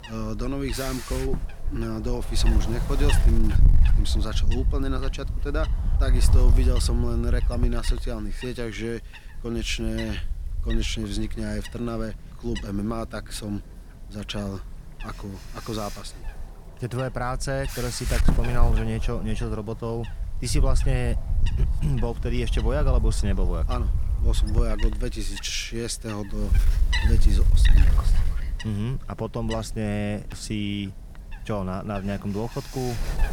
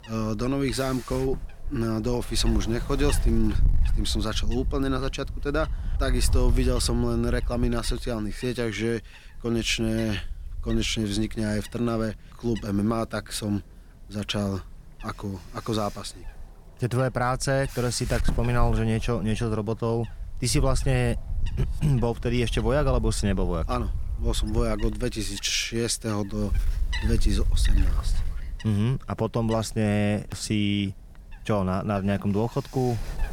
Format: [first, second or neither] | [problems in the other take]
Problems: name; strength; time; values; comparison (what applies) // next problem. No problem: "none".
second | wind noise on the microphone; heavy; 6 dB below the speech; occasional gusts in the second